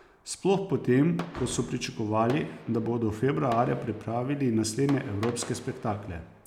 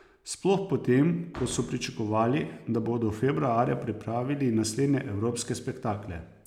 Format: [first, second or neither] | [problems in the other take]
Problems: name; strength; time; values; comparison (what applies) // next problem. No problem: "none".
second | background sound (Fireworks); 18 dB below the speech